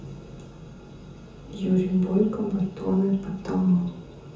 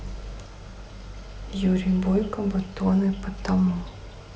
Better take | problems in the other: second | room echo; dies away in 0.6 s

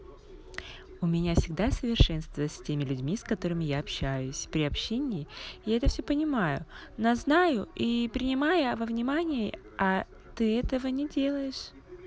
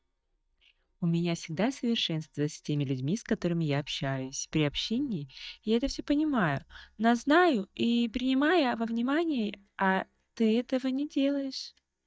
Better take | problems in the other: first | noise reduction (neural mask model DeepFilterNet 3)

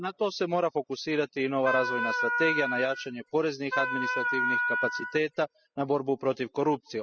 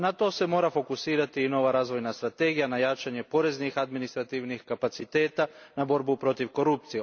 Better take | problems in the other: second | noise reduction (classical method spectral subtraction)

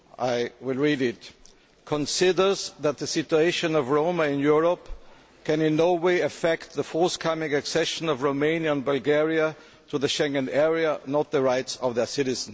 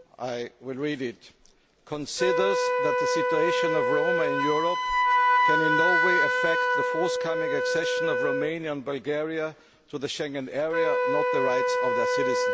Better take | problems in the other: first | background sound (Wind instrument, woodwind instrument); 5 dB above the speech

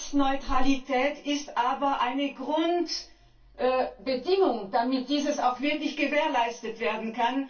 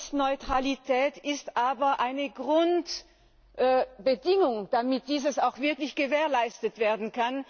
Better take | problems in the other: second | room echo; dies away in 0.2 s

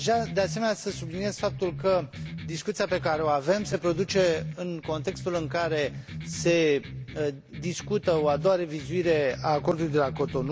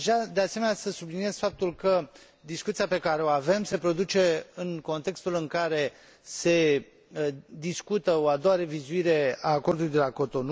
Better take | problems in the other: second | background sound (Electric guitar); 11 dB below the speech

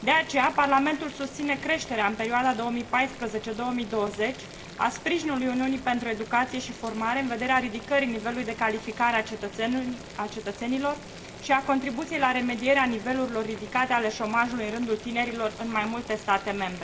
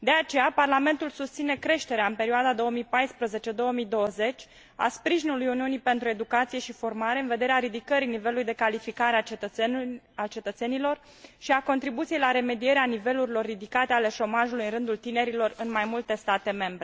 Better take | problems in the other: second | background sound (Boiling); 15 dB below the speech // room echo; dies away in 0.5 s

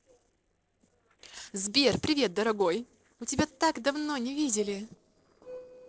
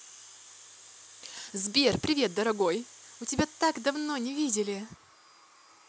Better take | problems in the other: second | noise reduction (neural separator model SepFormer DNS4)

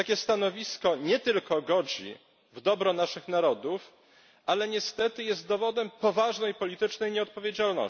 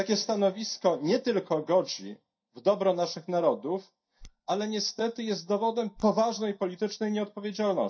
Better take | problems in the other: first | noise reduction (neural mask model DeepFilterNet 3)

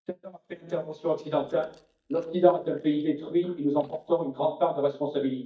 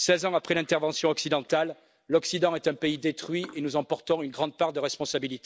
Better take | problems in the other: second | noise reduction (neural mask model DeepFilterNet 3)

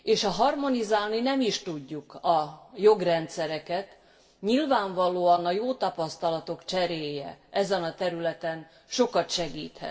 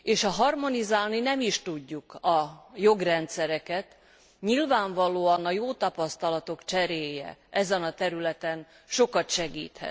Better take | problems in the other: second | room echo; dies away in 0.7 s

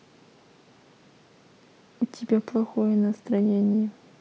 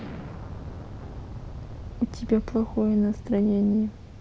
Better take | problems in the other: first | background sound (Explosion); 11 dB below the speech

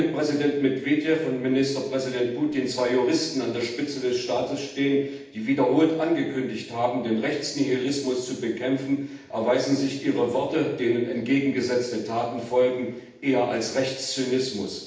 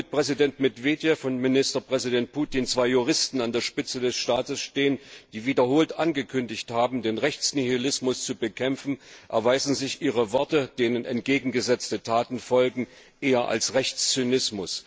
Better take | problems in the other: second | room echo; dies away in 0.8 s

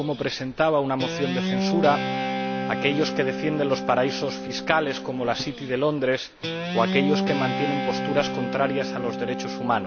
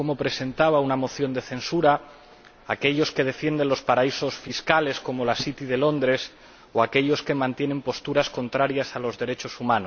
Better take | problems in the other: second | background sound (Guitar); 3 dB below the speech

